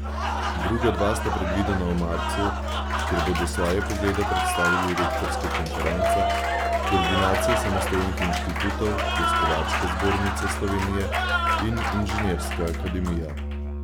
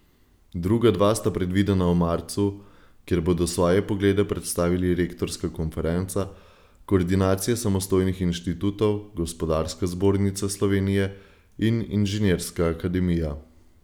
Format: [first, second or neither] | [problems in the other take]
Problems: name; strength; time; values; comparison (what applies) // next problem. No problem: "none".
second | background sound (Applause + Musical instrument); 3 dB above the speech